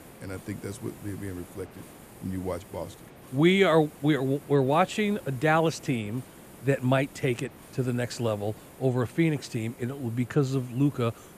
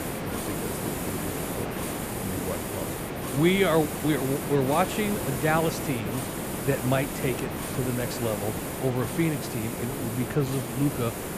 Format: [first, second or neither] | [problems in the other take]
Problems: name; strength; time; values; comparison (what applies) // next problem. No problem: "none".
first | hiss; loud; throughout; 3 dB below the speech; faint in the first